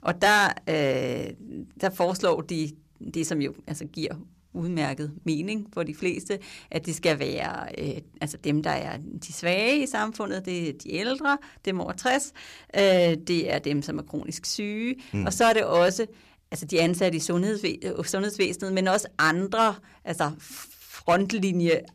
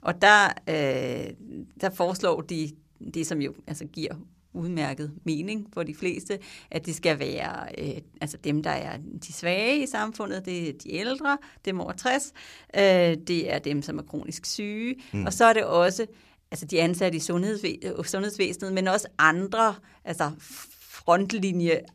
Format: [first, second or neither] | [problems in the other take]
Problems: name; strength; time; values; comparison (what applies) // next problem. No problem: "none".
second | distortion; slight; 1.8% of the sound clipped